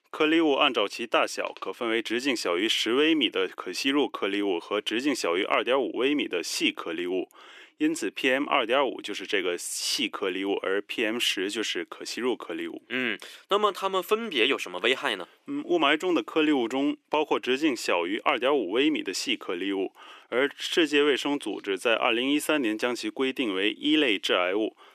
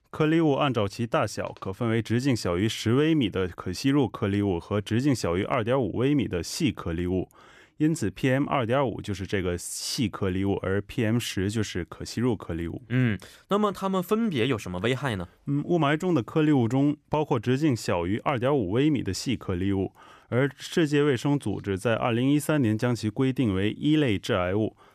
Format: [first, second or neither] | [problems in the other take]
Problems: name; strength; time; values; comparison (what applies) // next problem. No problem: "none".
second | thin; somewhat; fading below 300 Hz